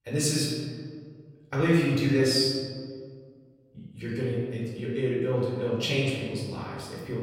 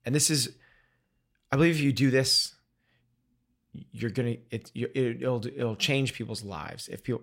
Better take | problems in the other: second | off-mic speech; far // room echo; noticeable; dies away in 1.7 s

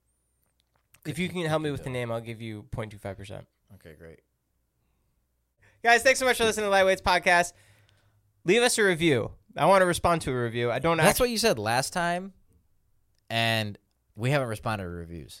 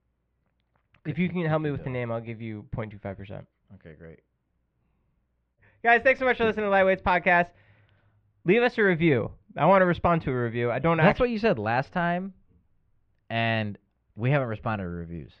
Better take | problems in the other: first | muffled; very; fading above 3 kHz

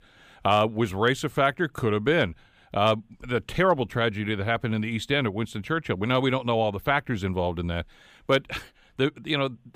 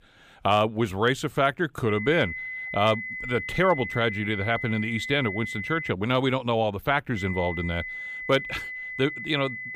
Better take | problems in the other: first | high-pitched whine; loud; from 2 to 6 s and from 7 s on; 2 kHz, 7 dB below the speech

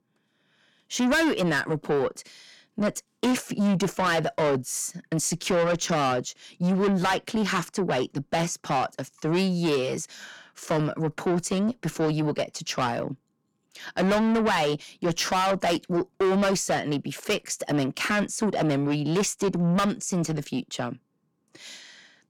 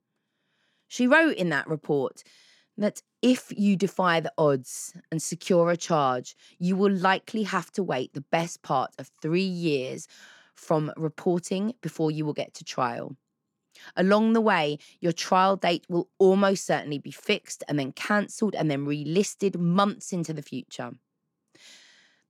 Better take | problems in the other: second | distortion; heavy; 6 dB below the speech

